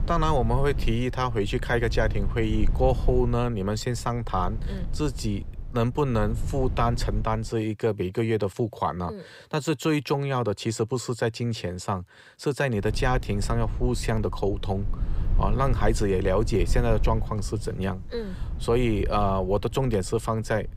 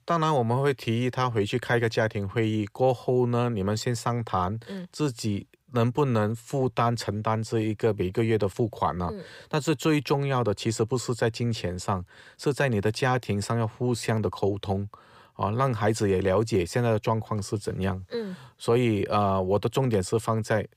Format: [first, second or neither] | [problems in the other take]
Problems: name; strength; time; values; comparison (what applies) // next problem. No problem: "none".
second | low rumble; noticeable; until 7.5 s and from 13 s on; 20 dB below the speech